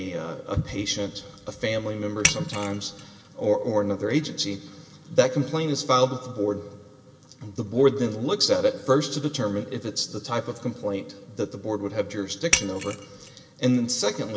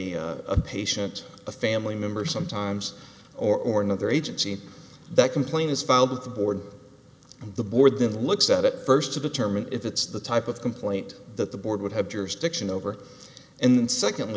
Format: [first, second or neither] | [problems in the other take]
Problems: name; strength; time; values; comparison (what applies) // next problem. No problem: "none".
second | background sound (Shatter); 3 dB below the speech // room echo; dies away in 1.6 s